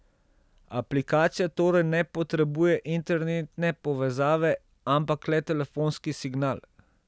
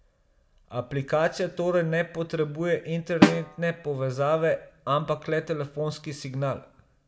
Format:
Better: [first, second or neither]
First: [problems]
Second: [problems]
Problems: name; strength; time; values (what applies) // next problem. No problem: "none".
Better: first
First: none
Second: background sound (Snare drum); 3 dB above the speech // room echo; dies away in 0.4 s